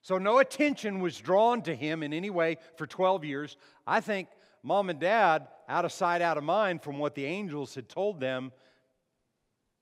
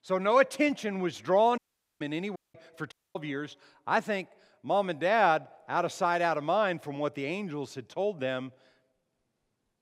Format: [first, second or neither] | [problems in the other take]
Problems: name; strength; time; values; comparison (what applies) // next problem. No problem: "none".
first | audio cutting out; at 1.5 s, at 2.5 s and at 3 s